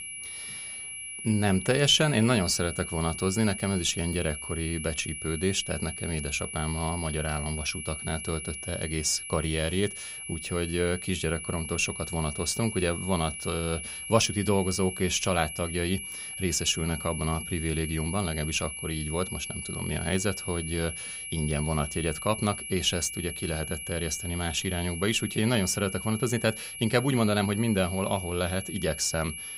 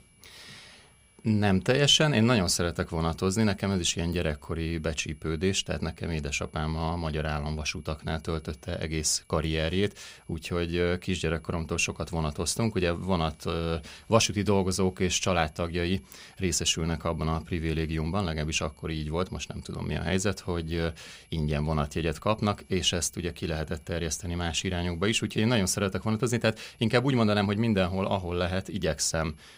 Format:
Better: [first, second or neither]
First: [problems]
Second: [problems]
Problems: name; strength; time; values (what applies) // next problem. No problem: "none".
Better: second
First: high-pitched whine; loud; throughout; 2.5 kHz, 7 dB below the speech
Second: high-pitched whine; faint; throughout; 2.5 kHz, 35 dB below the speech